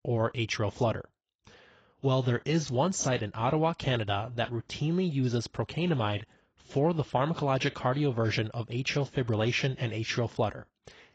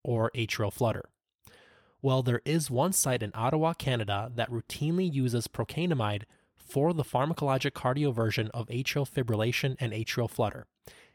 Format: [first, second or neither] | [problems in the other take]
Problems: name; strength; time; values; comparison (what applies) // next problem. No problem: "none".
second | garbled, watery; badly; nothing above 7.5 kHz